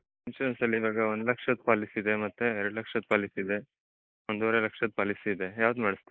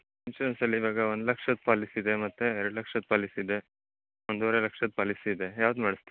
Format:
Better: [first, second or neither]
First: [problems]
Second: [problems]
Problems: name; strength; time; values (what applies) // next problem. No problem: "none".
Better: second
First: noise reduction (neural mask model Resemble Enhance denoiser)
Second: none